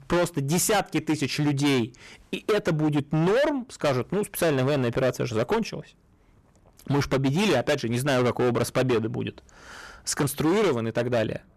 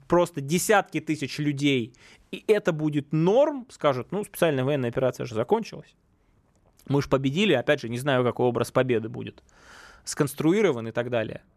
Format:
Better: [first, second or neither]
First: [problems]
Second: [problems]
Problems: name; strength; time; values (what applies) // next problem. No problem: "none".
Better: second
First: distortion; heavy; 17% of the sound clipped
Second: none